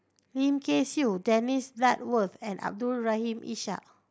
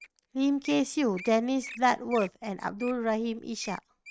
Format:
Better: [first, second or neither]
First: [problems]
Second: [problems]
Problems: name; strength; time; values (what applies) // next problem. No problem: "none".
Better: first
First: none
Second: noise reduction (neural mask model RNNoise)